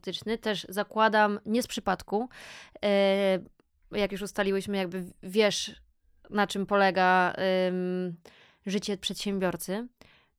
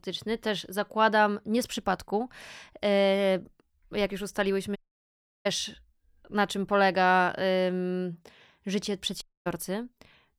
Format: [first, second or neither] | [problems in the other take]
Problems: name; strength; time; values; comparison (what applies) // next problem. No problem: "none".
first | audio cutting out; at 5 s for 0.5 s and at 9 s